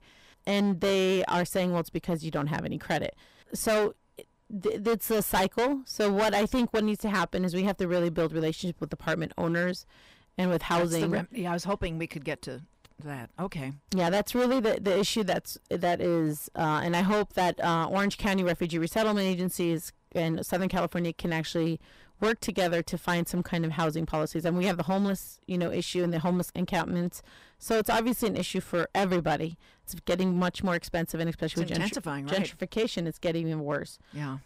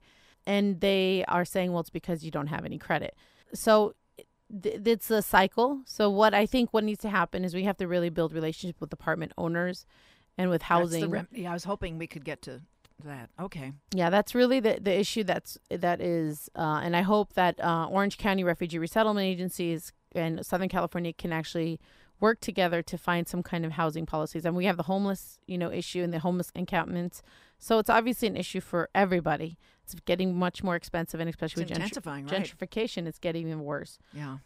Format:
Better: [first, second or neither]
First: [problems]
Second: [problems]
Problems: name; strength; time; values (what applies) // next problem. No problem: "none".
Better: second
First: distortion; heavy; 10% of the sound clipped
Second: none